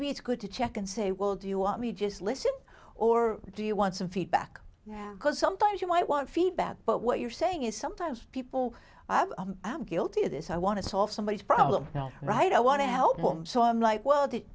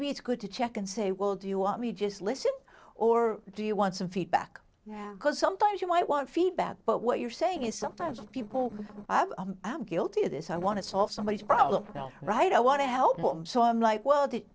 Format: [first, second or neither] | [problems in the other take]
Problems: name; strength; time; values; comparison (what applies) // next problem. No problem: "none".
first | noise reduction (neural separator model SepFormer DNS4)